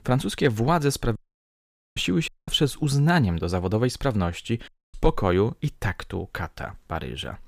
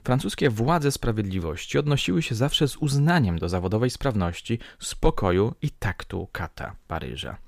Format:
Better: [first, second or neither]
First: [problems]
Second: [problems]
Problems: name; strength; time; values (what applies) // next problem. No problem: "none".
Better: second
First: audio cutting out; at 1 s for 1 s, at 2.5 s and at 4.5 s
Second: none